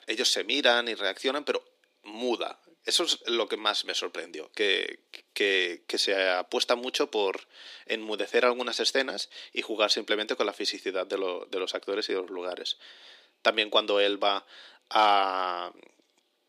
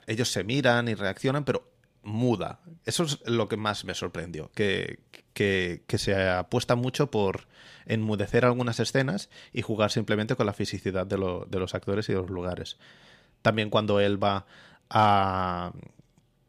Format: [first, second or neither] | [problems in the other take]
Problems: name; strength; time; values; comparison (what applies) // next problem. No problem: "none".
second | thin; somewhat; fading below 300 Hz